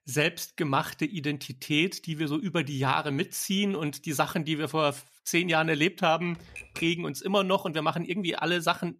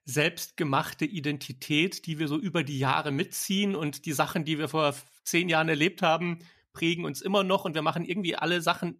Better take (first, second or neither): second